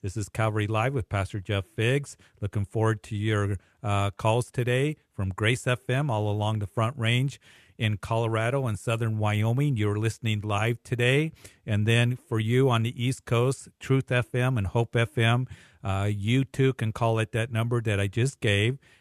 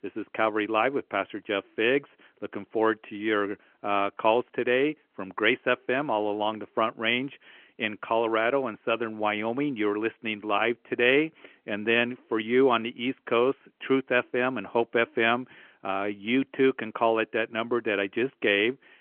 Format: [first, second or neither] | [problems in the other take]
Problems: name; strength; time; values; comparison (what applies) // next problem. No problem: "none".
first | phone-call audio; nothing above 3.5 kHz